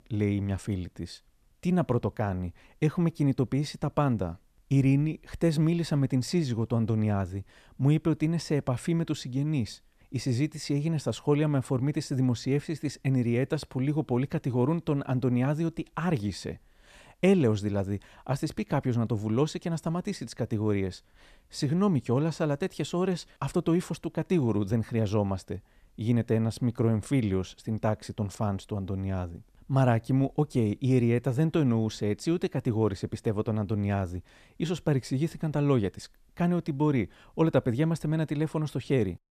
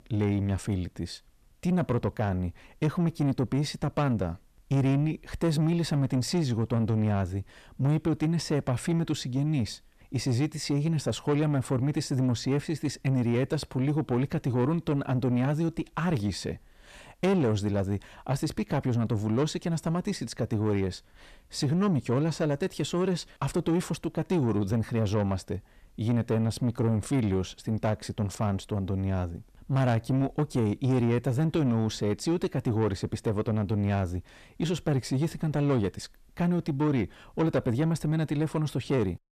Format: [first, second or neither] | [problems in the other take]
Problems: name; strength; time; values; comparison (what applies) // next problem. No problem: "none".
first | distortion; slight; 10 dB below the speech